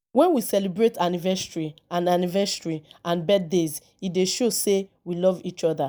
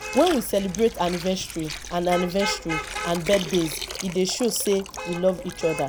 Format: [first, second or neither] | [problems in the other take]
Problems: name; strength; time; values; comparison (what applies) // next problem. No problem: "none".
first | background sound (Water + Traffic noise, roadway noise / Vehicle horn, car horn, honking); 9 dB below the speech